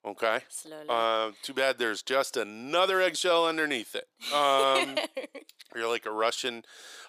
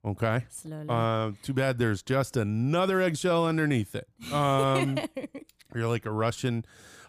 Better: second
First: thin; very; fading below 400 Hz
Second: none

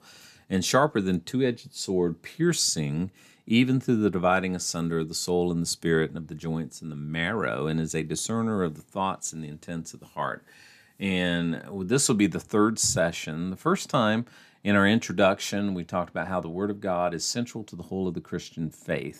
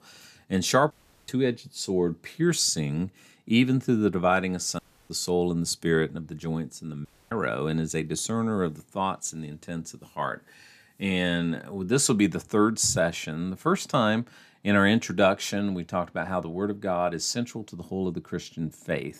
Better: first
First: none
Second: audio cutting out; at 1 s, at 5 s and at 7 s

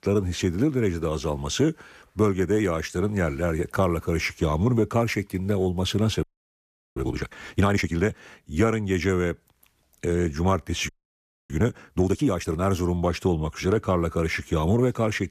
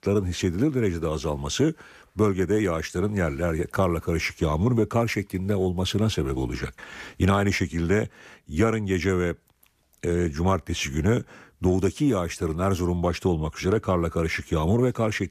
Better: second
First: audio freezing; at 6 s for 0.5 s and at 11 s for 0.5 s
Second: none

